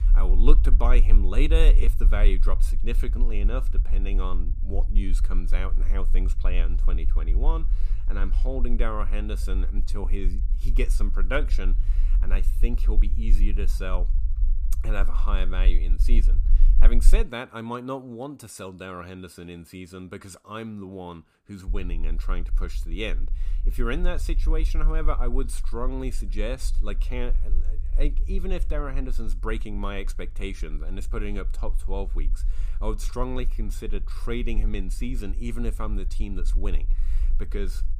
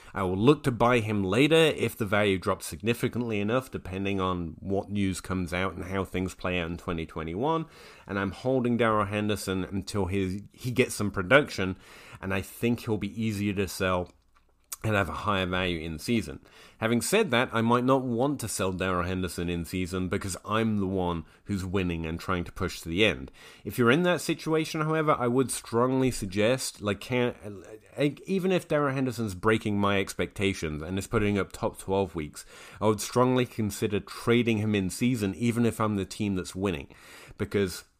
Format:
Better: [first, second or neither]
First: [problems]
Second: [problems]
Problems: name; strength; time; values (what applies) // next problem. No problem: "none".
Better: second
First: low rumble; noticeable; until 17 s and from 22 s on; 15 dB below the speech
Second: none